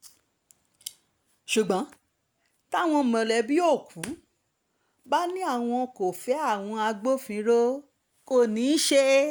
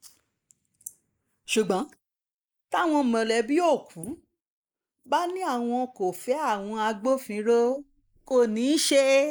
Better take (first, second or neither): first